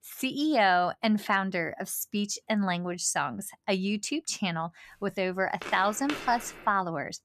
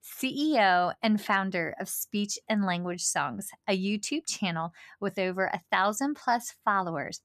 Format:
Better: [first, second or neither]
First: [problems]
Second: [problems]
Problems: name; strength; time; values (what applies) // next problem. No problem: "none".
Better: second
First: footsteps; noticeable; at 5.5 s; peak 8 dB below the speech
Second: none